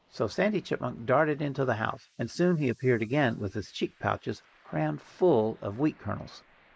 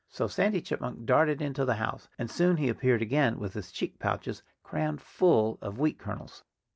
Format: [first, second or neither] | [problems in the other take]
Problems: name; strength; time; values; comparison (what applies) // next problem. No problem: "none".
second | noise reduction (neural mask model Resemble Enhance denoiser)